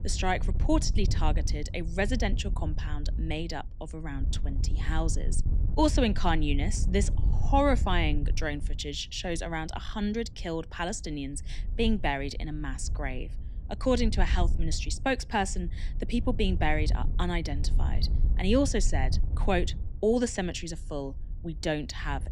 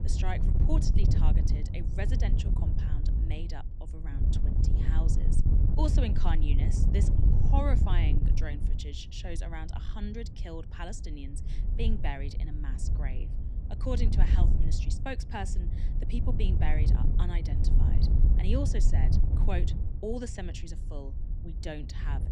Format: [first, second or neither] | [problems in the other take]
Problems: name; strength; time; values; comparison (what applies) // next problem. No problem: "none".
first | wind noise on the microphone; heavy; 4 dB below the speech; occasional gusts in the first